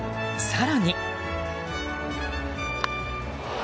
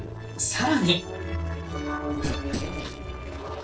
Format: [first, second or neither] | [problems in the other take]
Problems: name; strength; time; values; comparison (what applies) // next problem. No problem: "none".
first | noise reduction (neural separator model SepFormer DNS4)